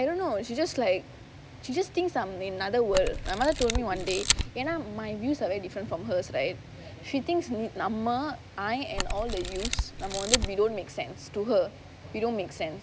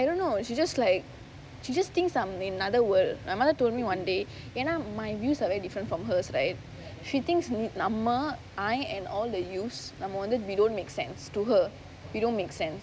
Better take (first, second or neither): second